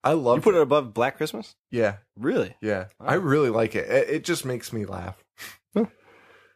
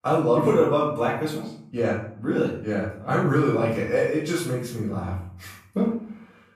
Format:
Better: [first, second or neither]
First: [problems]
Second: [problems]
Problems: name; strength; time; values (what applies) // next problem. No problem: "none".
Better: first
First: none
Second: off-mic speech; far // room echo; noticeable; dies away in 0.6 s